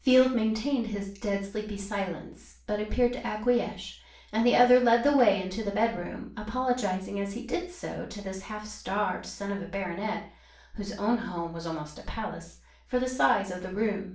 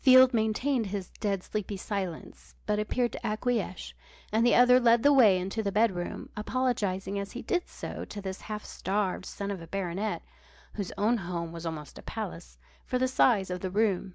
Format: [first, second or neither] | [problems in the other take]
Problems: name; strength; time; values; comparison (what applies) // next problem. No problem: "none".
second | room echo; dies away in 0.4 s